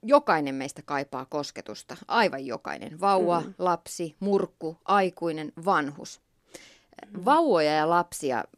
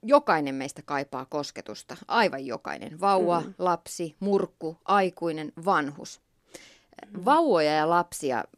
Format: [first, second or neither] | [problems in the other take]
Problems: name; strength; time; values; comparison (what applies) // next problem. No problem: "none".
neither | none